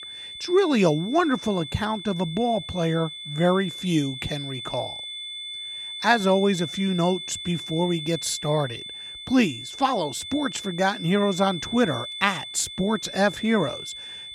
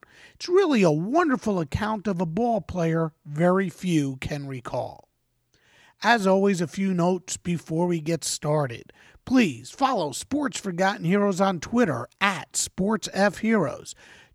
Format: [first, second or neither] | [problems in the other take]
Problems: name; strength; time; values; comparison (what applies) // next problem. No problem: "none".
second | high-pitched whine; loud; throughout; 3.5 kHz, 9 dB below the speech